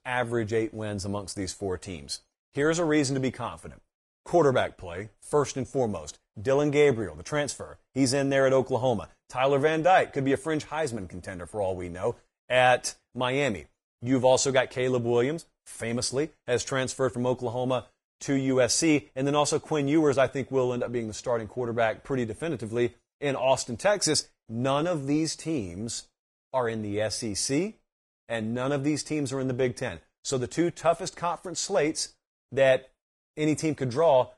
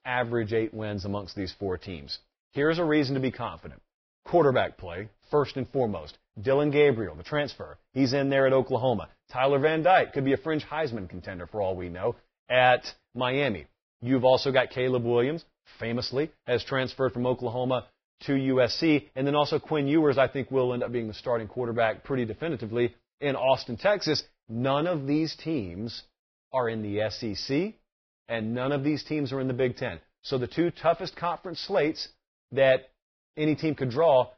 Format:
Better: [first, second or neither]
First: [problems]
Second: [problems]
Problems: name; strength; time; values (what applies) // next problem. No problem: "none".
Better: first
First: garbled, watery; slightly; nothing above 10.5 kHz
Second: garbled, watery; badly; nothing above 5.5 kHz